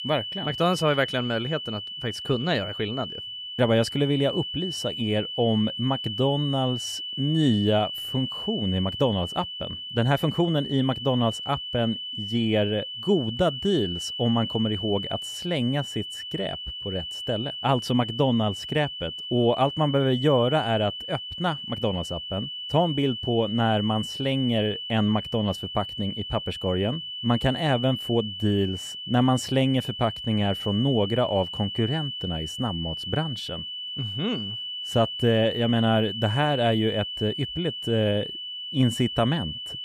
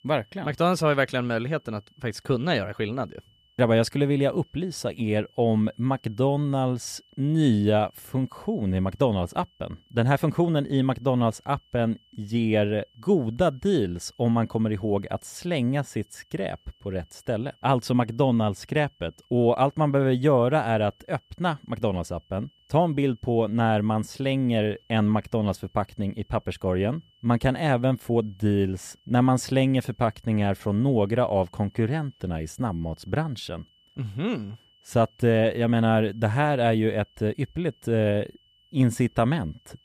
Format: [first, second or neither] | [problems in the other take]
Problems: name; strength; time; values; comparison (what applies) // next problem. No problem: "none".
second | high-pitched whine; loud; throughout; 3 kHz, 6 dB below the speech; faint in the second